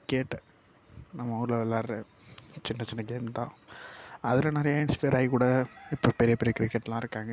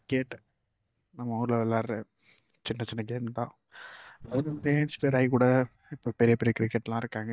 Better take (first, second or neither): first